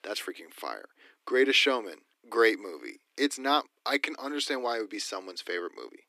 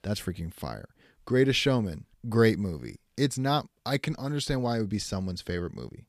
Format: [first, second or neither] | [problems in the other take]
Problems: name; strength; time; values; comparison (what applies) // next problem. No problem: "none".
second | thin; somewhat; fading below 300 Hz